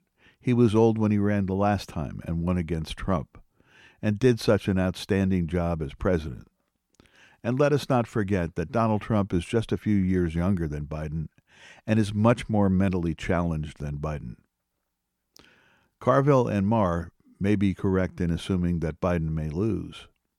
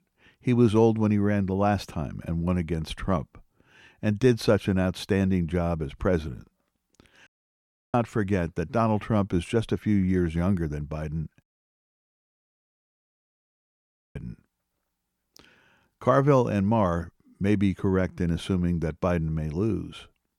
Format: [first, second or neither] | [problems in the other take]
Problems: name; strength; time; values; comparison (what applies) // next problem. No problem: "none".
first | audio cutting out; at 7.5 s for 0.5 s and at 11 s for 2.5 s